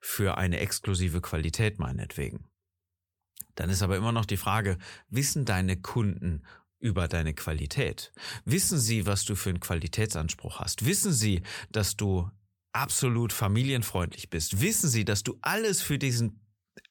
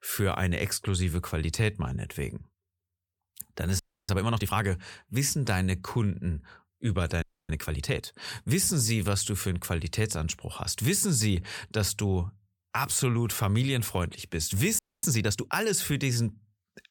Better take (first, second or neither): first